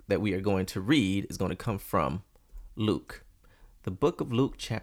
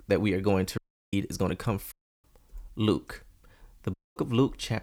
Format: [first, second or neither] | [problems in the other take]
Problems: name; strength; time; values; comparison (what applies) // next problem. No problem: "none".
first | audio cutting out; at 1 s, at 2 s and at 4 s